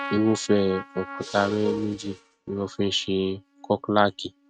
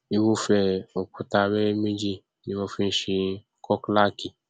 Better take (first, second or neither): second